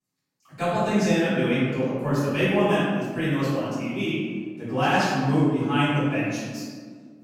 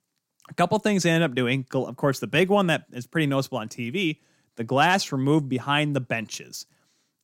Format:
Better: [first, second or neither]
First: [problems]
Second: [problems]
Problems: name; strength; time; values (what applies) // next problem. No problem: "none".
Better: second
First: off-mic speech; far // room echo; strong; dies away in 1.6 s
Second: none